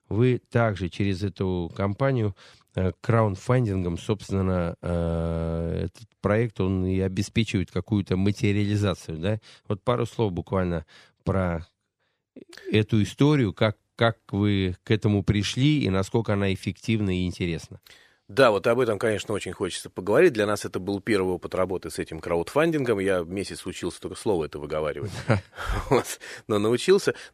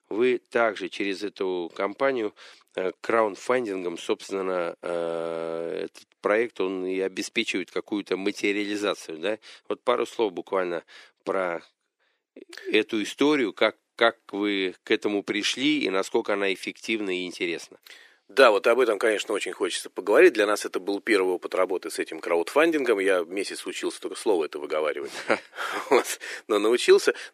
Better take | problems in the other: first | thin; somewhat; fading below 300 Hz

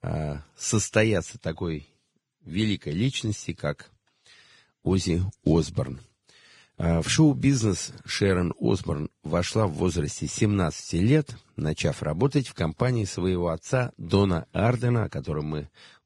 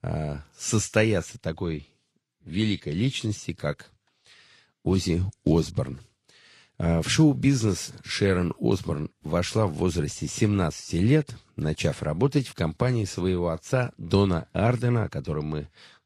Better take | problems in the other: second | garbled, watery; badly; nothing above 10.5 kHz; slightly in the second

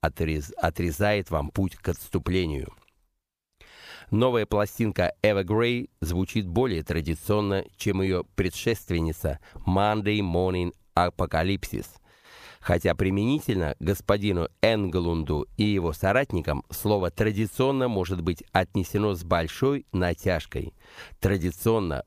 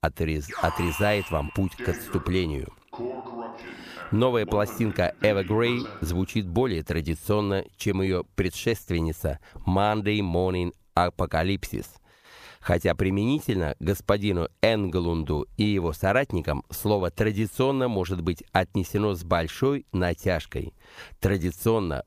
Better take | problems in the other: first | alarm; noticeable; until 6 s; peak 6 dB below the speech

